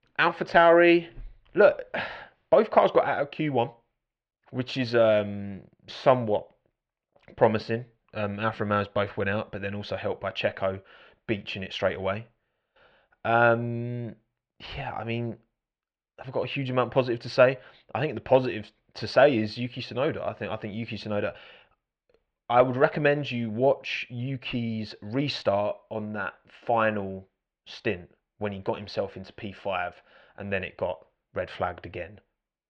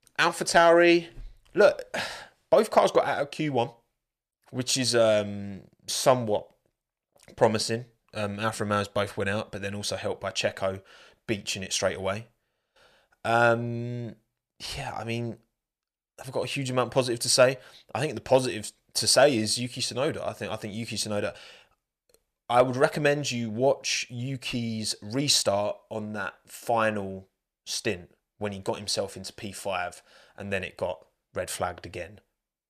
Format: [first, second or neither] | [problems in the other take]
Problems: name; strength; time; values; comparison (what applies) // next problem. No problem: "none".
second | muffled; very; fading above 3 kHz